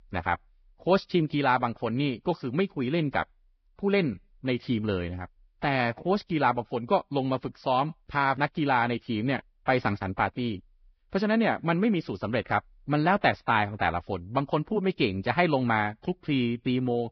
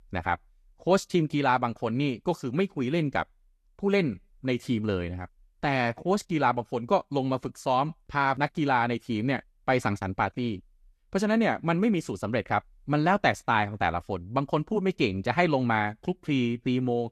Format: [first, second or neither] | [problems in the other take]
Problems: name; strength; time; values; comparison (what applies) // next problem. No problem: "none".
second | garbled, watery; badly; slightly in the second